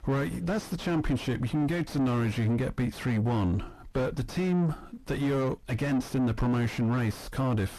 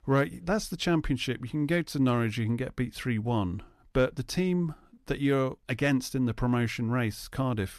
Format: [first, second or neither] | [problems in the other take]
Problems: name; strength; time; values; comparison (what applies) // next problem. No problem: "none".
second | distortion; heavy; 5 dB below the speech